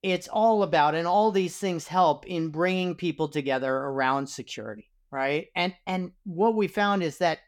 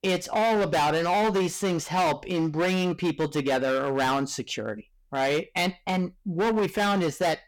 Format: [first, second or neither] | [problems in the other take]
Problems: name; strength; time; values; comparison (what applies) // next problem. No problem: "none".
first | distortion; heavy; 21% of the sound clipped